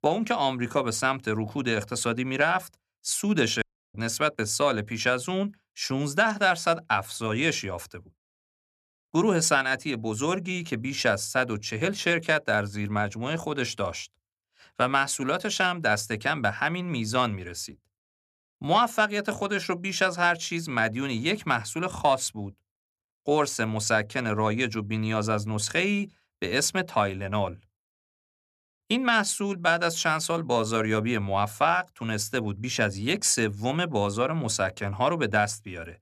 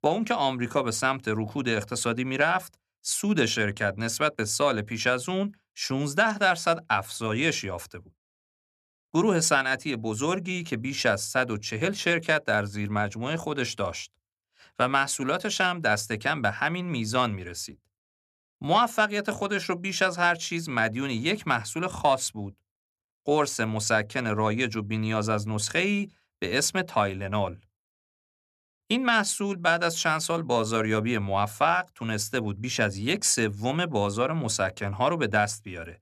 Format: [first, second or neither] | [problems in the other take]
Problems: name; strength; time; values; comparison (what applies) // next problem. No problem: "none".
second | audio cutting out; at 3.5 s